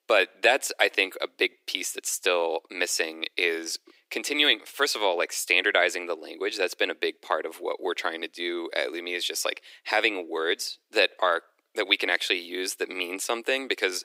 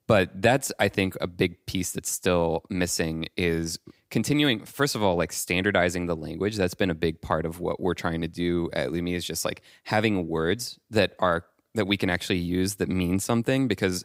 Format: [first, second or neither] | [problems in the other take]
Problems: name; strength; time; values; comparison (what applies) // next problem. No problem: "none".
second | thin; very; fading below 350 Hz